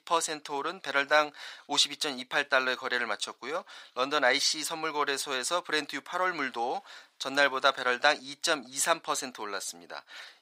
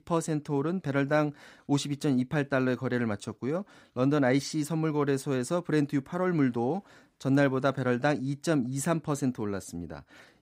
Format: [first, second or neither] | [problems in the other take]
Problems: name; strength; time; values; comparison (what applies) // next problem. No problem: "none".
second | thin; very; fading below 900 Hz